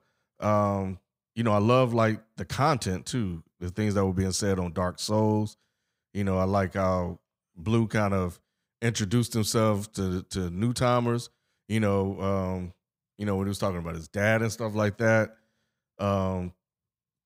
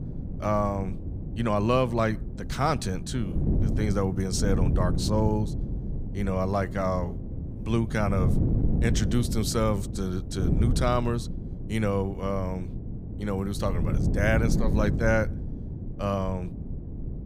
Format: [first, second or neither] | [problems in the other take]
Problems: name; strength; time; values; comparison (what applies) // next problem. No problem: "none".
first | wind noise on the microphone; occasional gusts; 10 dB below the speech